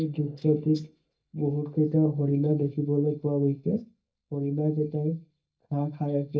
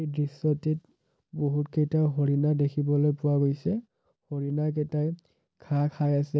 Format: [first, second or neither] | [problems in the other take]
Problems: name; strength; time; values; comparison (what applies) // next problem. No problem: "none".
second | noise reduction (neural mask model DeepFilterNet 3)